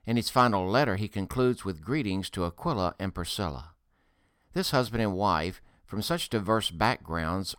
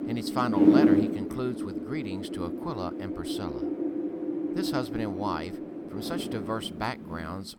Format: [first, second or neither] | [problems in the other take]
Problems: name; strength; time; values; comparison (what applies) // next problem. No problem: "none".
first | wind noise on the microphone; heavy; 2 dB above the speech